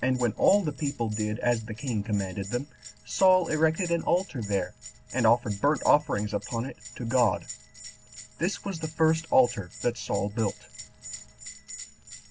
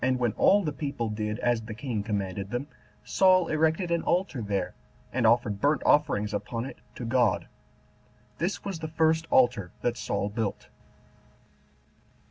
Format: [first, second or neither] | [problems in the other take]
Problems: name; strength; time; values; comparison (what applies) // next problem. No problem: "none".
second | background sound (Bell); 15 dB below the speech